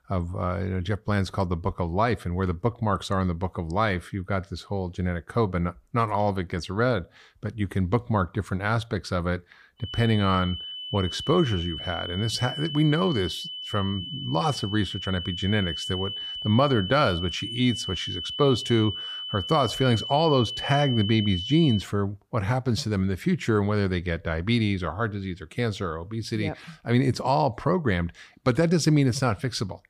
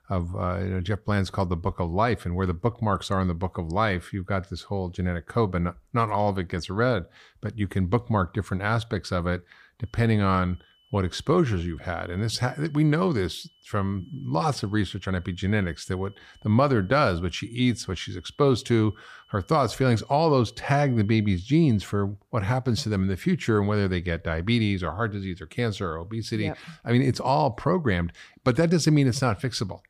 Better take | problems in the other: second | high-pitched whine; loud; from 10 to 22 s; 3 kHz, 6 dB below the speech; faint in the second

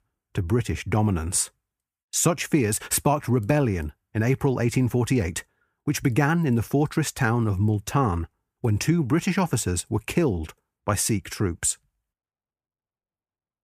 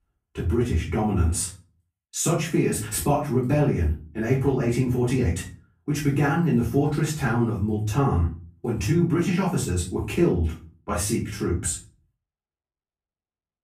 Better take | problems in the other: first | off-mic speech; far // room echo; slight; dies away in 0.3 s

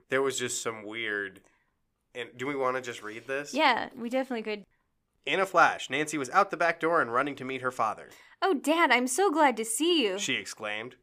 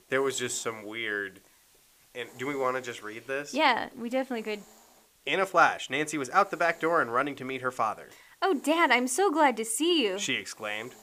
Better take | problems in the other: first | hiss; faint; throughout; 30 dB below the speech

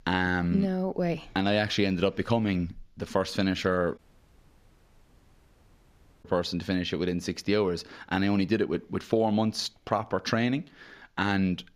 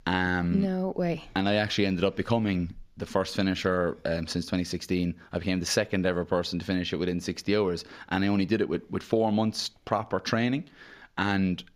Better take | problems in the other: second | audio cutting out; at 4 s for 2.5 s

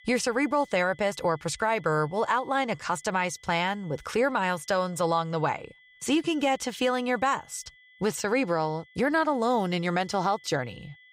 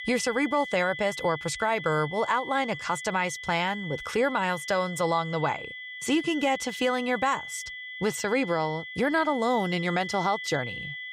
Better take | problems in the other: first | high-pitched whine; loud; throughout; 2 kHz, 9 dB below the speech; faint in the first

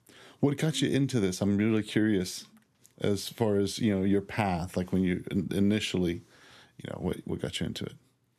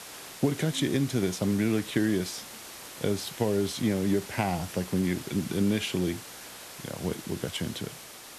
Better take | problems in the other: first | hiss; noticeable; throughout; 10 dB below the speech

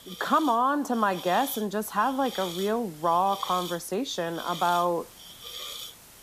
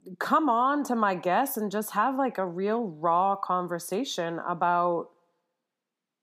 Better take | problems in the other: second | hiss; noticeable; throughout; 10 dB below the speech

